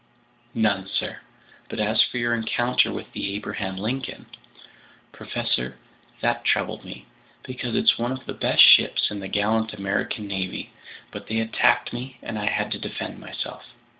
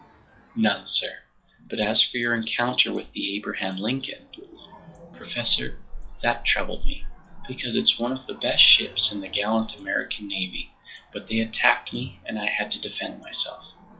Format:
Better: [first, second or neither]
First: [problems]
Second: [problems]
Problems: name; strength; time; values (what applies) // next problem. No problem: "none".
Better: first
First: none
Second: noise reduction (classical method log-MMSE)